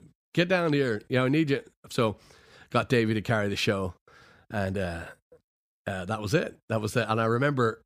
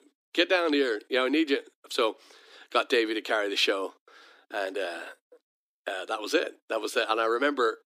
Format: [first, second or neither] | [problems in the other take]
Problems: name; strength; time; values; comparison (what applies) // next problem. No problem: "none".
first | thin; somewhat; fading below 300 Hz